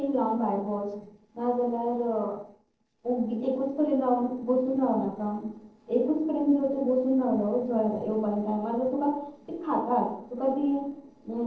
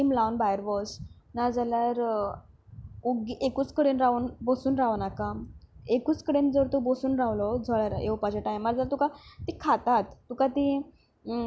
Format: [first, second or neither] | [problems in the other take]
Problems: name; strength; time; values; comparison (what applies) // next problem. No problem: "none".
second | noise reduction (neural separator model SepFormer DNS4)